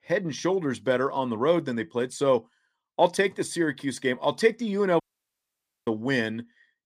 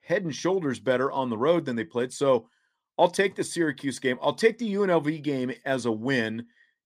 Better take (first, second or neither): second